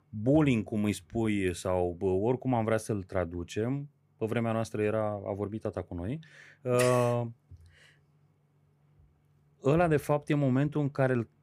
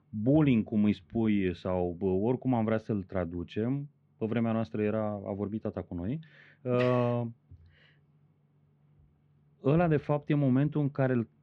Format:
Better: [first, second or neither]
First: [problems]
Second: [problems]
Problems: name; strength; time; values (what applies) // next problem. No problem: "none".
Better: first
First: none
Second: muffled; slightly; fading above 3.5 kHz